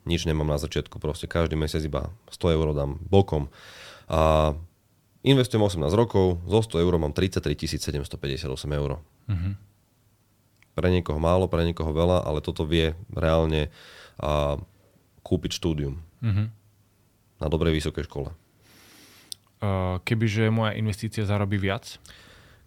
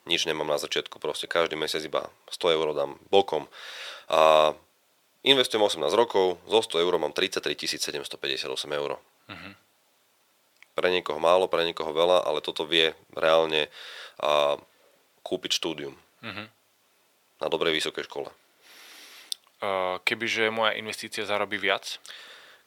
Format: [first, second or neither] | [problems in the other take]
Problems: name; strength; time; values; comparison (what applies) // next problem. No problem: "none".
first | thin; very; fading below 550 Hz